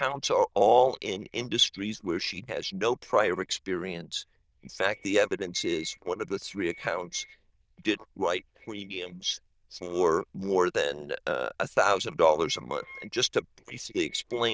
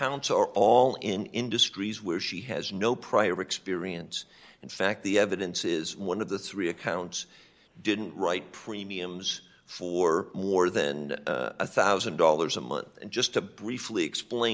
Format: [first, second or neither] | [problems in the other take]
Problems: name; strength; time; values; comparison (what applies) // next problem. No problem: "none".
second | noise reduction (neural diffusion model UNIVERSE++)